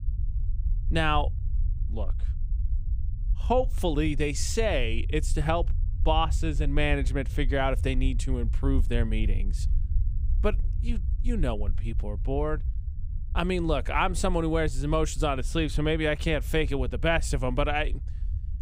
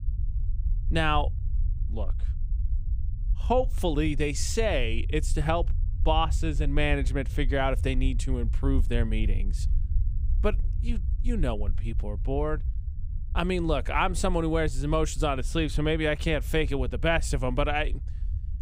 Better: neither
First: low rumble; faint; throughout; 20 dB below the speech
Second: low rumble; faint; throughout; 20 dB below the speech

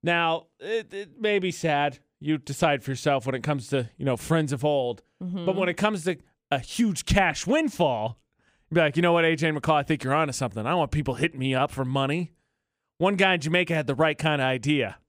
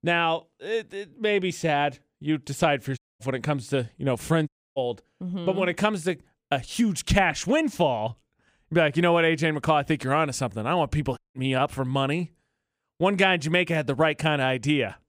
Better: first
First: none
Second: audio cutting out; at 3 s, at 4.5 s and at 11 s

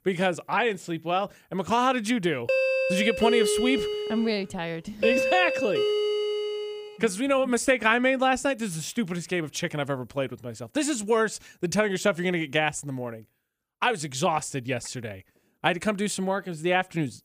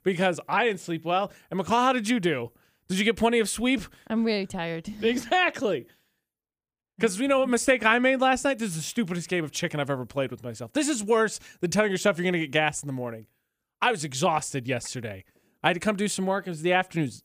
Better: second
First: doorbell; loud; from 2.5 to 7 s; peak 3 dB above the speech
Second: none

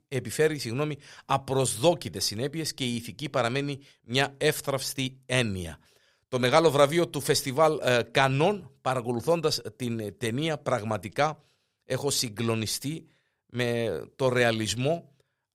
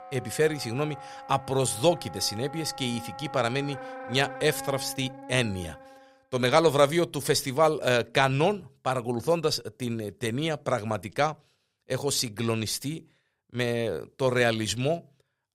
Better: first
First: none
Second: background music; noticeable; until 6 s; 15 dB below the speech

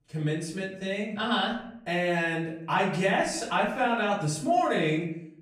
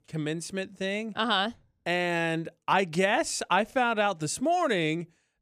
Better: second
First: off-mic speech; far // room echo; noticeable; dies away in 0.6 s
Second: none

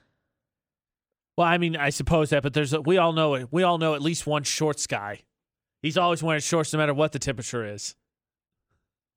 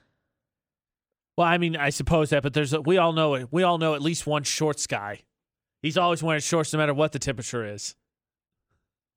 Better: neither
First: none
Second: none

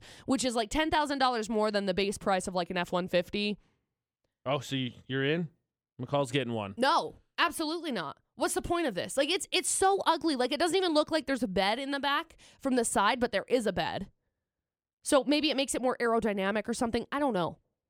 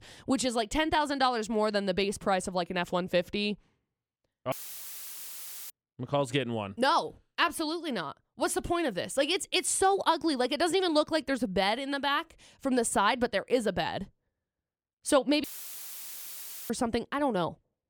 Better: first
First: none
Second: audio cutting out; filled with static; at 4.5 s for 1 s and at 15 s for 1.5 s

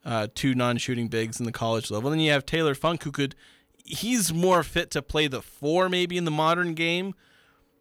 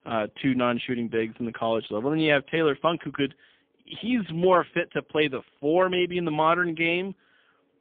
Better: first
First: none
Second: phone-call audio; poor line; nothing above 3.5 kHz

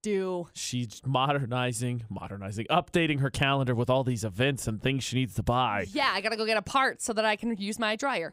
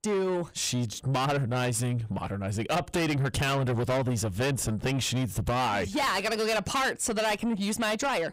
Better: first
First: none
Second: distortion; heavy; 6 dB below the speech

